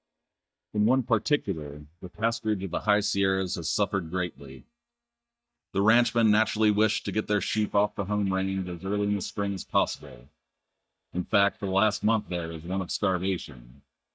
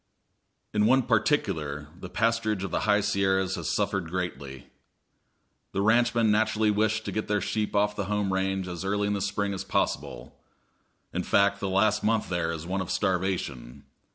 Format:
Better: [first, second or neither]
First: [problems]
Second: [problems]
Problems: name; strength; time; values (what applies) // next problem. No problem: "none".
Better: second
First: noise reduction (neural mask model DeepFilterNet 3)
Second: none